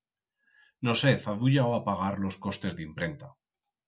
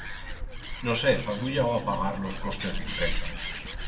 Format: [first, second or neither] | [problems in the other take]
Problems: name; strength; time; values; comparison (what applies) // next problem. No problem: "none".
first | background sound (Animal); 3 dB below the speech // room echo; dies away in 2.1 s